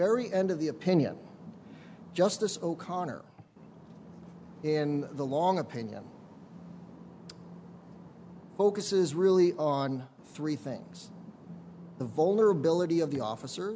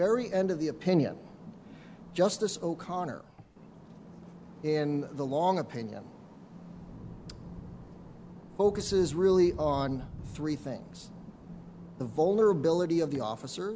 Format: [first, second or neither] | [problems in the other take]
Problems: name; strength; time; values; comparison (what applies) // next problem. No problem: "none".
first | background sound (Thunder / Rain); 19 dB below the speech